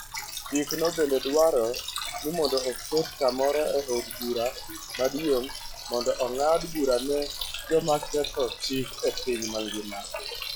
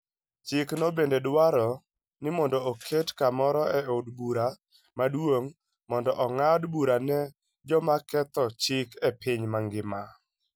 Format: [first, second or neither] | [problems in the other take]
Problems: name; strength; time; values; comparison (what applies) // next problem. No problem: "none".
second | noise reduction (classical method log-MMSE)